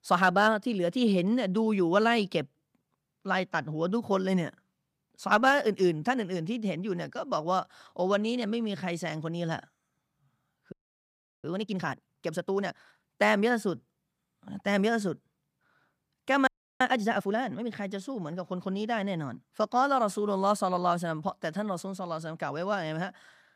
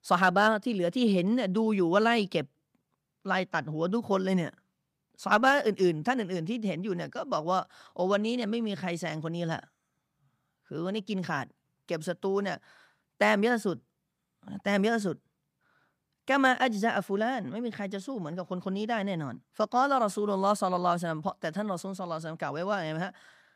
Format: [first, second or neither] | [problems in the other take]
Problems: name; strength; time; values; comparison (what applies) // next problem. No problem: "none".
second | audio freezing; at 11 s for 0.5 s and at 16 s